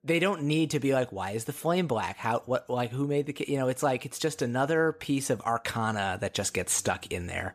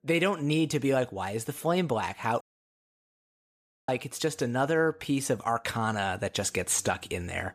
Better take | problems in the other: first | audio cutting out; at 2.5 s for 1.5 s

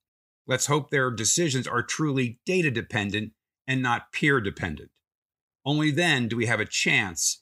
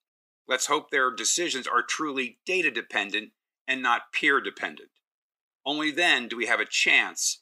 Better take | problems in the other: first | thin; somewhat; fading below 300 Hz

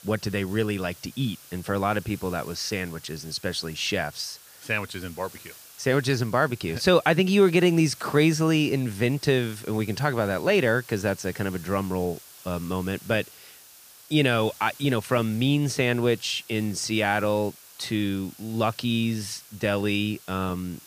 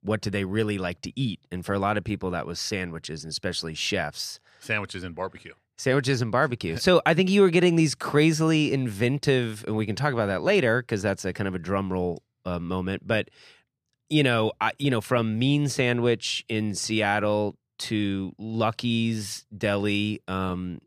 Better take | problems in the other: second | hiss; faint; throughout; 20 dB below the speech

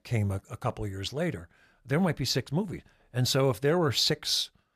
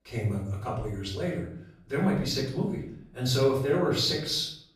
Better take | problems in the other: first | off-mic speech; far // room echo; noticeable; dies away in 0.6 s

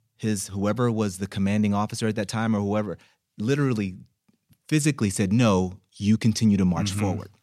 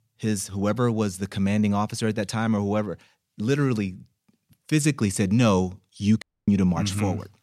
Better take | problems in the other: first | audio cutting out; at 6 s

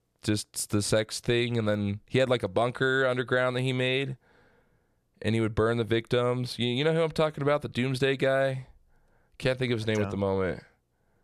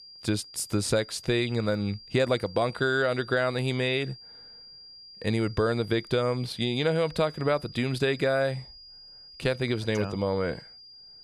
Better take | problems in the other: first | high-pitched whine; noticeable; throughout; 5 kHz, 20 dB below the speech

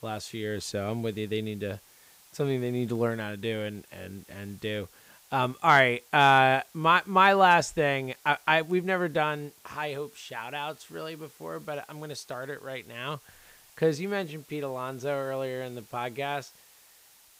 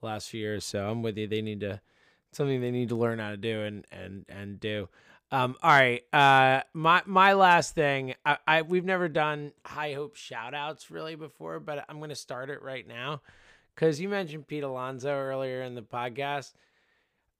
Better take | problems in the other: second | hiss; faint; throughout; 25 dB below the speech

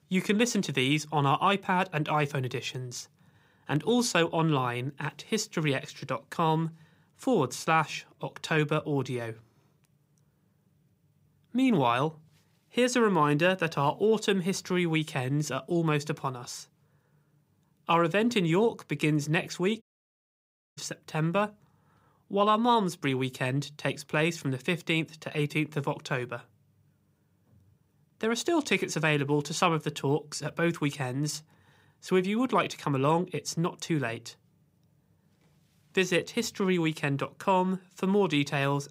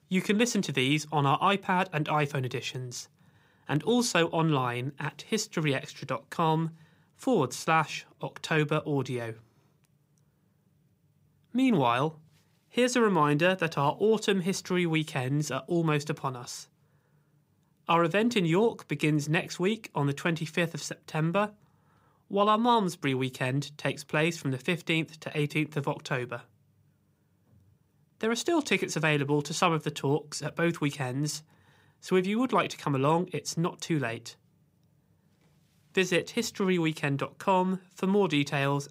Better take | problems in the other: second | audio cutting out; at 20 s for 1 s

